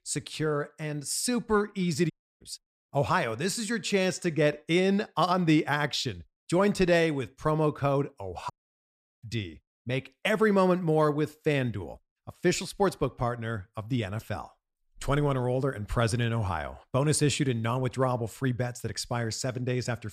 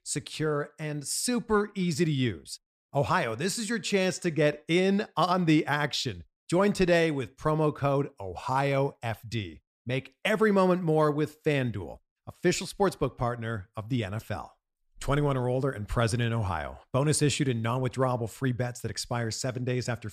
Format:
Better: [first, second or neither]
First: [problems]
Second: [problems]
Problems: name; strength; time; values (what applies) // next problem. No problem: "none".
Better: second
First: audio cutting out; at 2 s and at 8.5 s for 0.5 s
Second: none